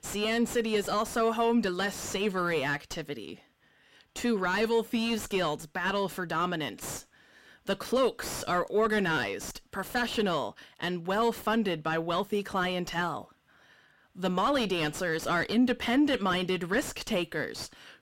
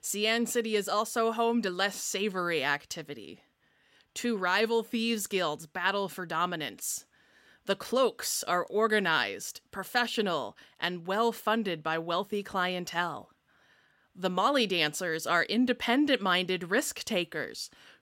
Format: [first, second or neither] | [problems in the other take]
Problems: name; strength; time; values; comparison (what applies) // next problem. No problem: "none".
second | distortion; heavy; 7 dB below the speech